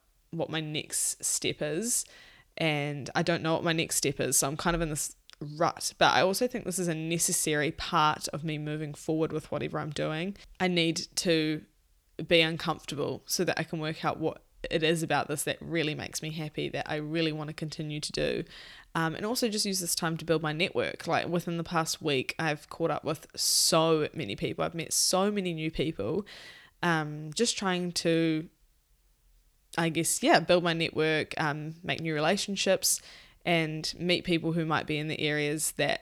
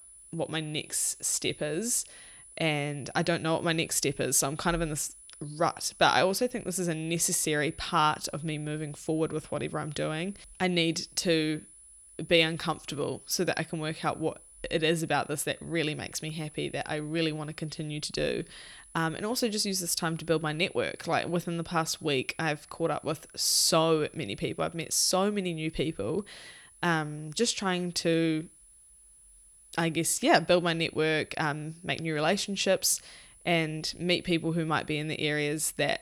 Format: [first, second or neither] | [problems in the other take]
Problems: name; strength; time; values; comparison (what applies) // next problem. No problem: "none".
first | high-pitched whine; faint; throughout; 10 kHz, 20 dB below the speech